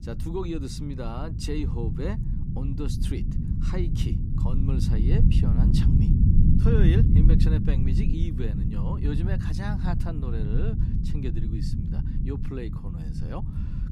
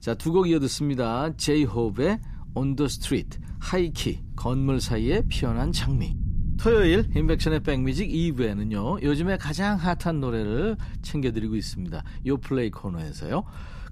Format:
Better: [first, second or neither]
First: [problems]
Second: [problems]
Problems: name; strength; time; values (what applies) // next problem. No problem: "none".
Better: second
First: low rumble; loud; throughout; as loud as the speech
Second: low rumble; faint; throughout; 20 dB below the speech